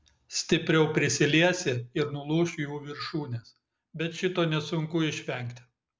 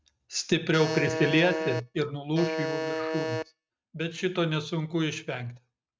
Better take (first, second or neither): first